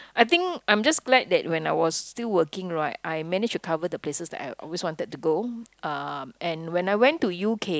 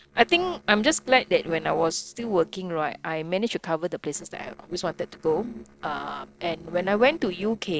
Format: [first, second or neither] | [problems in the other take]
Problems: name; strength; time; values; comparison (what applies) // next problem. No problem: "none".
first | noise reduction (neural separator model SepFormer DNS4)